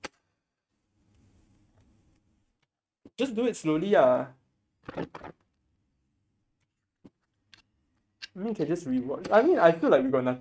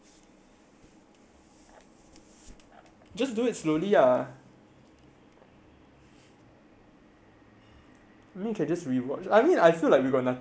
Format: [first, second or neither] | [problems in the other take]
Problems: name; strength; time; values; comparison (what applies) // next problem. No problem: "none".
second | noise reduction (neural mask model RNNoise)